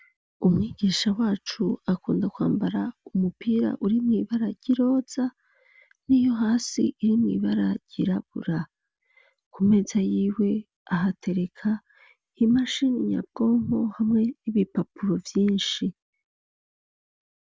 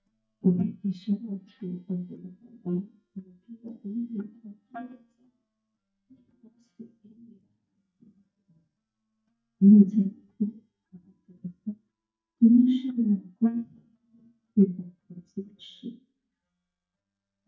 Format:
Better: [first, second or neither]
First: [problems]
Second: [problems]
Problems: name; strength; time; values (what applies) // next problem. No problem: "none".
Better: first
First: none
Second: noise reduction (neural mask model DeepFilterNet 3)